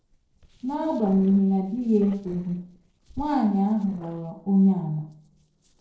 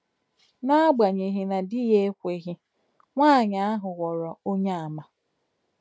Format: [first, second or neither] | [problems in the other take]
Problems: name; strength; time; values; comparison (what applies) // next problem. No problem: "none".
second | noise reduction (neural separator model SepFormer DNS4)